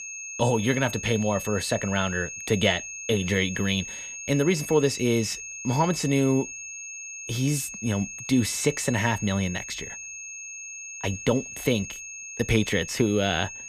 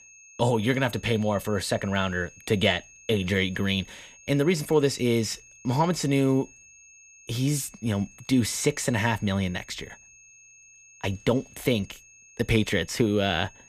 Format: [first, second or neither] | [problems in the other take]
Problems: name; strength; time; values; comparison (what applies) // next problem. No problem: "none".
second | high-pitched whine; loud; throughout; 2.5 kHz, 9 dB below the speech; faint in the second